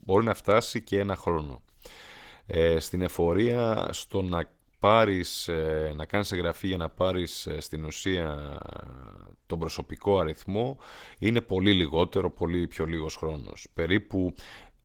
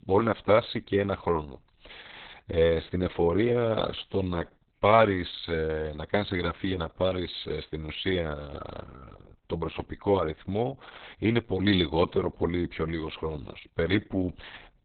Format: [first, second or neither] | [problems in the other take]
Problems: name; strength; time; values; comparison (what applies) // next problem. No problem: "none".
first | garbled, watery; badly; nothing above 4 kHz; slightly in the first